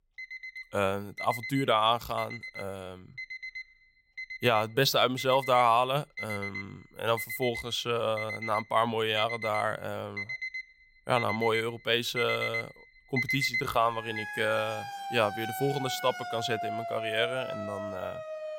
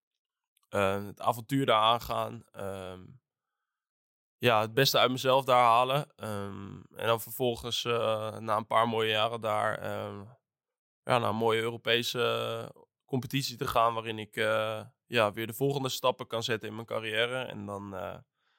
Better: second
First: alarms or sirens; loud; throughout; 7 dB below the speech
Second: none

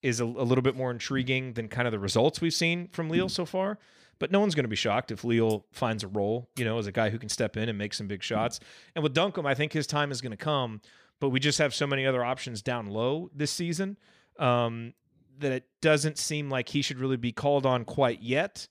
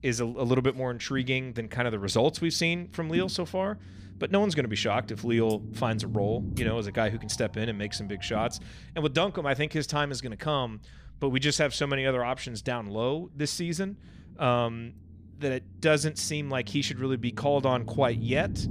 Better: first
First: none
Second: low rumble; faint; throughout; 20 dB below the speech

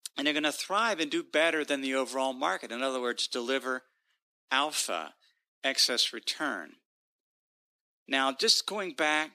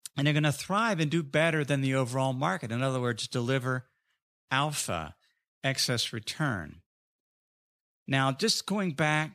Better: second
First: thin; somewhat; fading below 250 Hz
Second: none

